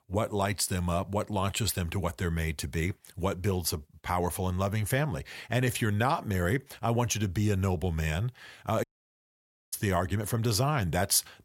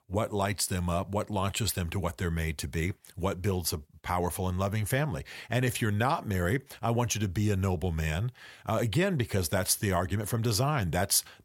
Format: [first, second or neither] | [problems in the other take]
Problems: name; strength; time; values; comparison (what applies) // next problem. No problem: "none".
second | audio cutting out; at 9 s for 1 s